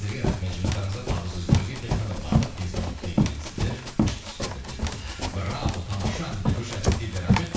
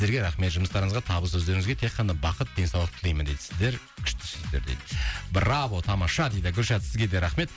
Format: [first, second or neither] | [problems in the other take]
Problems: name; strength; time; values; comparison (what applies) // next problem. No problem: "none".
second | background sound (Run); 5 dB above the speech // room echo; dies away in 0.7 s